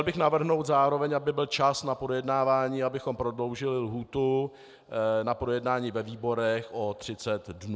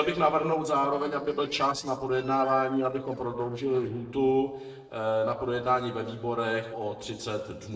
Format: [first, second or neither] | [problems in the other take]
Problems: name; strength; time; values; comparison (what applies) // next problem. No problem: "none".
first | noise reduction (neural separator model SepFormer DNS4)